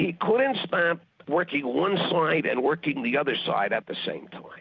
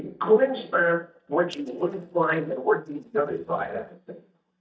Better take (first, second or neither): first